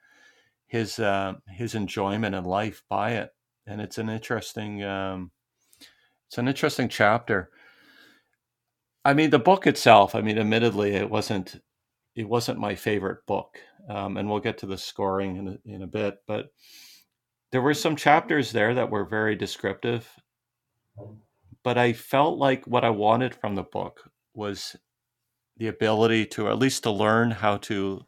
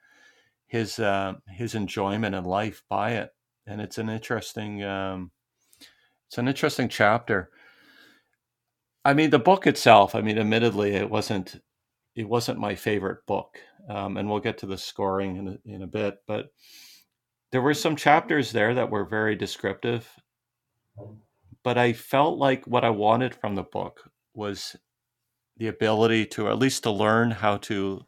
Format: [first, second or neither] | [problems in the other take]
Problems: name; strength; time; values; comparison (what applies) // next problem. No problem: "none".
neither | none